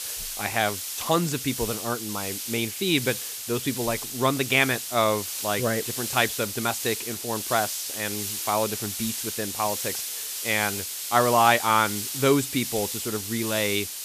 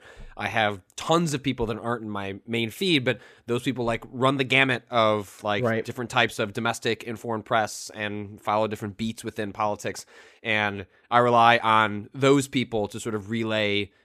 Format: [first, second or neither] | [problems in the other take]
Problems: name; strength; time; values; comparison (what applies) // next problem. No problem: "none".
second | hiss; loud; throughout; 4 dB below the speech